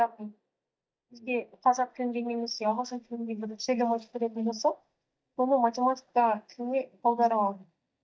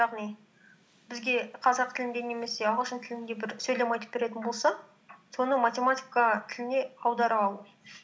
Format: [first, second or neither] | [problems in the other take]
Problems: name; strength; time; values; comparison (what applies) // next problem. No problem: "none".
second | noise reduction (neural mask model DeepFilterNet 3)